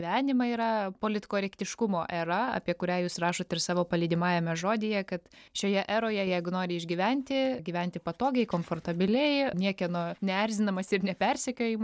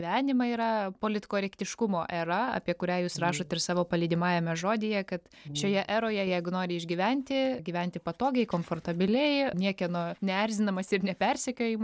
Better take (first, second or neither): first